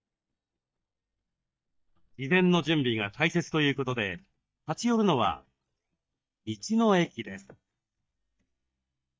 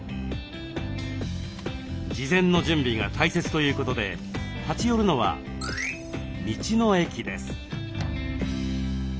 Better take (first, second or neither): second